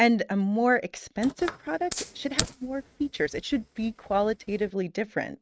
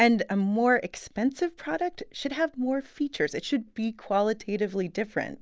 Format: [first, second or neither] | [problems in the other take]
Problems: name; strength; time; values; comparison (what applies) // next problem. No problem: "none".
second | noise reduction (neural mask model RNNoise)